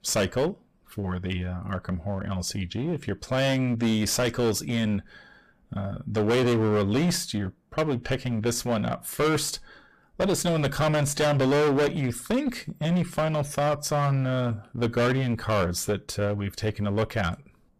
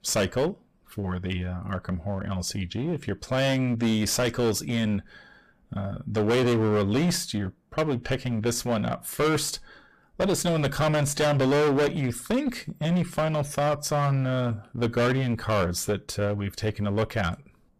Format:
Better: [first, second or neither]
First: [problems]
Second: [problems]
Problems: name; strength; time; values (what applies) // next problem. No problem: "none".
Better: neither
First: distortion; heavy; 16% of the sound clipped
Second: distortion; heavy; 16% of the sound clipped